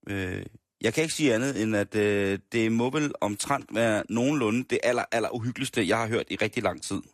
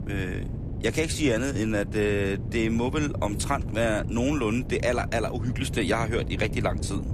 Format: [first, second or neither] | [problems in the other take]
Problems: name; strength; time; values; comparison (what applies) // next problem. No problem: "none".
first | wind noise on the microphone; occasional gusts; 15 dB below the speech